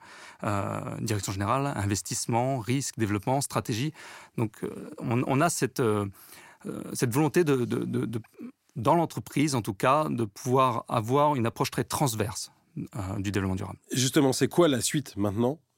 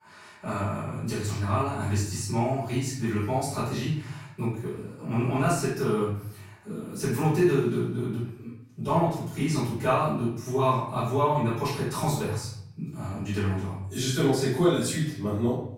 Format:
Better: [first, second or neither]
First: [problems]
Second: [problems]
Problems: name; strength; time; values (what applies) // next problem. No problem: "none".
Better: first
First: none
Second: off-mic speech; far // room echo; noticeable; dies away in 0.7 s